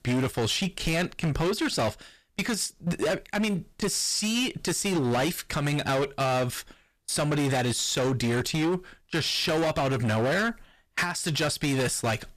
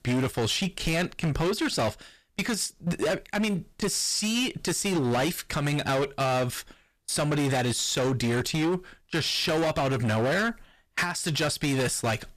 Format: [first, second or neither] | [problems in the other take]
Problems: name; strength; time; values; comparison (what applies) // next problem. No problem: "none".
neither | distortion; heavy; 21% of the sound clipped; the same in both